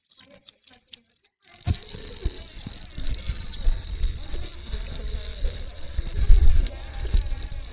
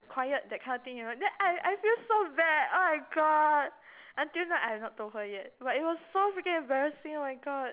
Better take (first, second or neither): second